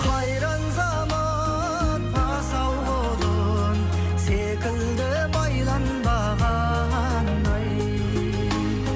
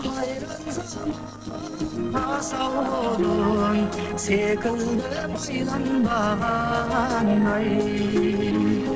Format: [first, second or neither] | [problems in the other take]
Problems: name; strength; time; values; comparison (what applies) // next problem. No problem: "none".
first | noise reduction (neural separator model SepFormer DNS4)